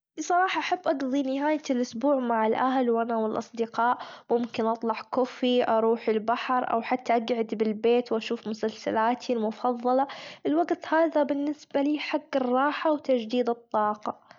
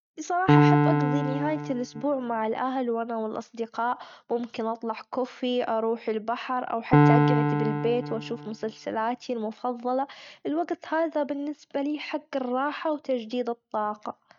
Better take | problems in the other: first | noise reduction (neural mask model RNNoise)

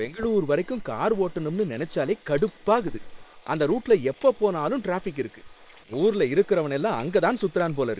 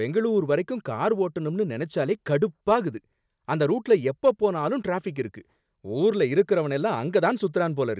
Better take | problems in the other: second | noise reduction (neural separator model SepFormer WHAM!)

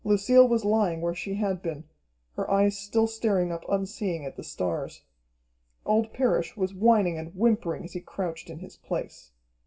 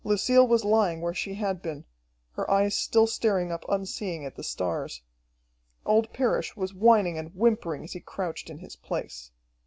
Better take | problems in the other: second | room echo; dies away in 0.2 s

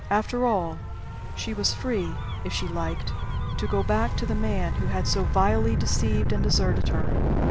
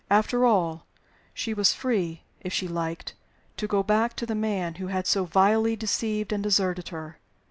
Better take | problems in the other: second | background sound (Gull, seagull / Waves, surf / Siren); 3 dB above the speech

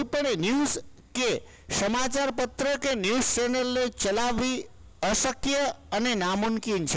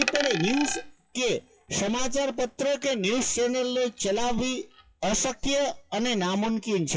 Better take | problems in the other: first | noise reduction (classical method WPE with log-MMSE)

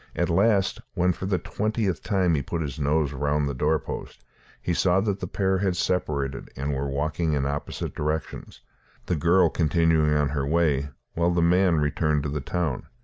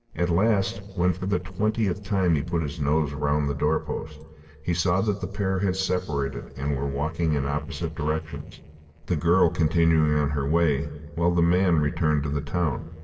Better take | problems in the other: first | noise reduction (neural separator model SepFormer DNS4)

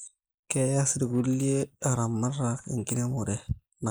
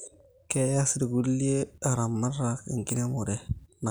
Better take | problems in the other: second | noise reduction (neural mask model Resemble Enhance denoiser)

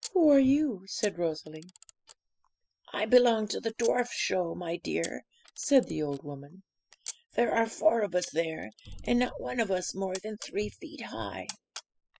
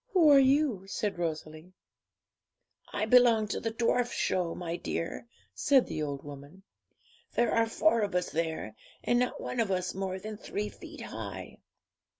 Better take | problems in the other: second | noise reduction (classical method spectral subtraction)

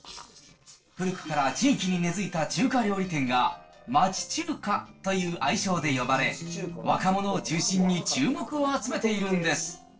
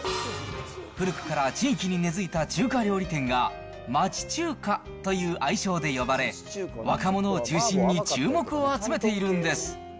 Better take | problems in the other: second | noise reduction (neural separator model SepFormer DNS4)

